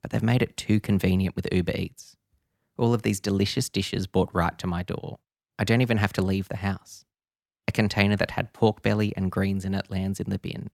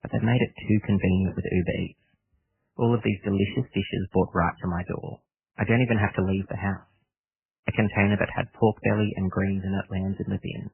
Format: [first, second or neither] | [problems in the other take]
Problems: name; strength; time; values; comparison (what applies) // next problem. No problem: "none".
first | garbled, watery; badly; nothing above 3 kHz